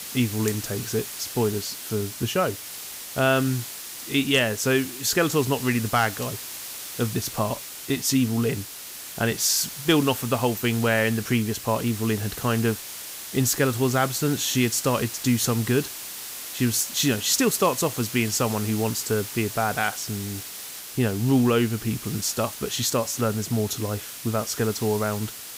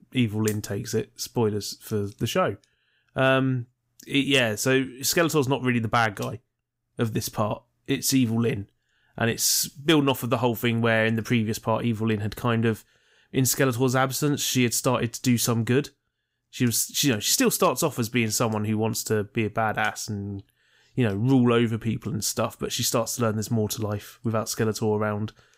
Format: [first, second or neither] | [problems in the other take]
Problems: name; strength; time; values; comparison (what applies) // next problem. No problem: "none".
second | hiss; loud; throughout; 9 dB below the speech